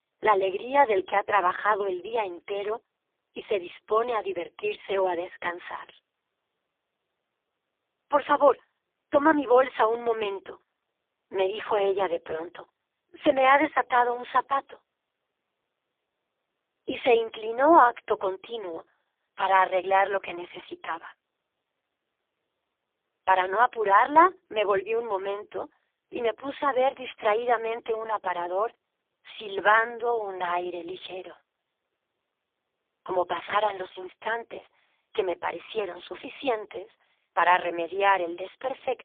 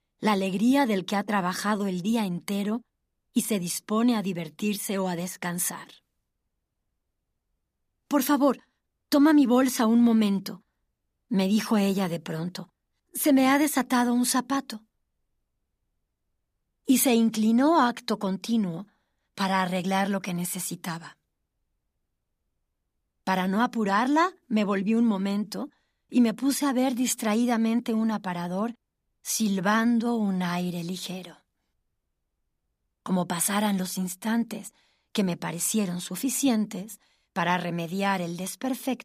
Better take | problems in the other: second | phone-call audio; poor line

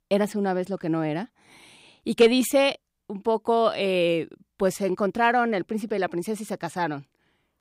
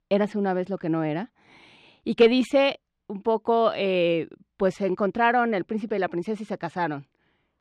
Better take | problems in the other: first | muffled; very slightly; fading above 3.5 kHz

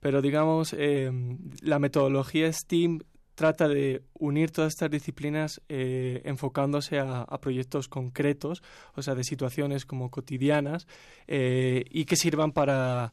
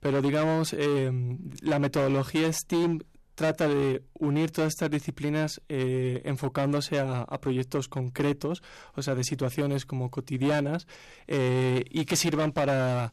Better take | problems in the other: first | distortion; slight; 13% of the sound clipped

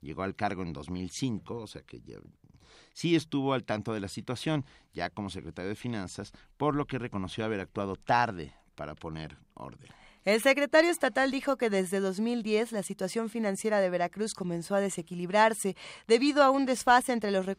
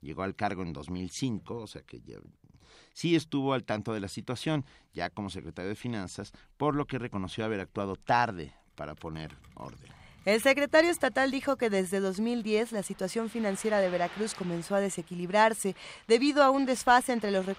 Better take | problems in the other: first | rain or running water; faint; from 9 s on; 20 dB below the speech

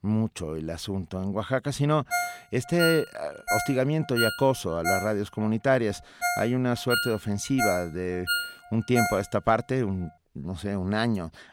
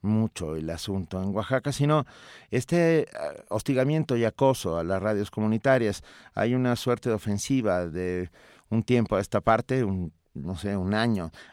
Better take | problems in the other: second | phone ringing; noticeable; from 2 to 9 s; peak 1 dB below the speech

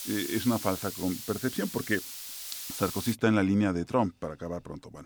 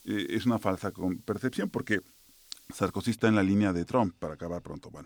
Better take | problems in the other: second | hiss; loud; until 3 s; 7 dB below the speech; faint in the second

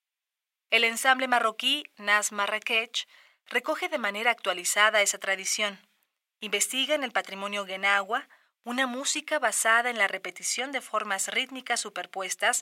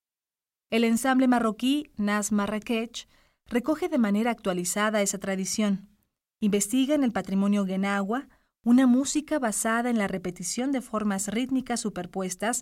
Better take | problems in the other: second | thin; very; fading below 700 Hz

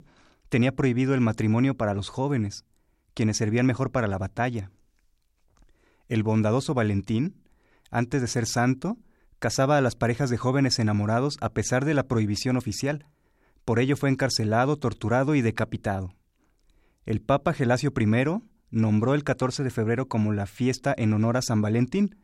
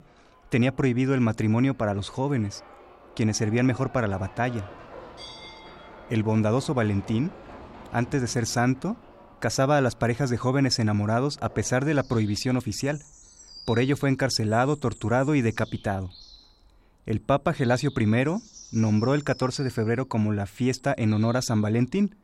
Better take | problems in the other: first | animal sounds; faint; throughout; 20 dB below the speech

